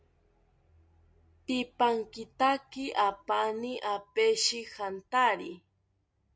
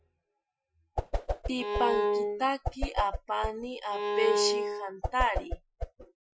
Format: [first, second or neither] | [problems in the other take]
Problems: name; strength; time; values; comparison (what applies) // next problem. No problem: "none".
first | noise reduction (classical method Wiener filter)